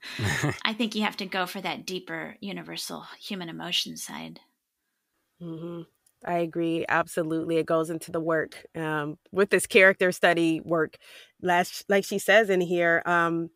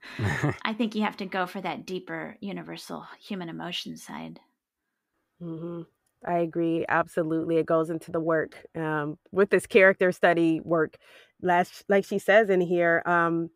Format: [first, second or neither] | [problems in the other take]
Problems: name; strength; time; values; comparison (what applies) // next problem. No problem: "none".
first | muffled; slightly; fading above 2.5 kHz